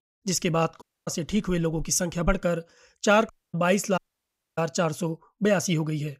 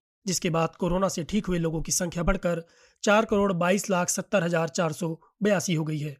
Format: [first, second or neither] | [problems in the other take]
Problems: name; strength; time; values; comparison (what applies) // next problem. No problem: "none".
second | audio cutting out; at 1 s, at 3.5 s and at 4 s for 0.5 s